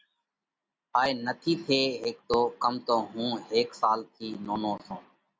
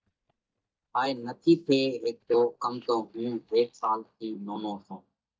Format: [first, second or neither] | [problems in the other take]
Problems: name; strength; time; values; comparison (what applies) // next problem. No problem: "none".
first | noise reduction (neural mask model DeepFilterNet 3)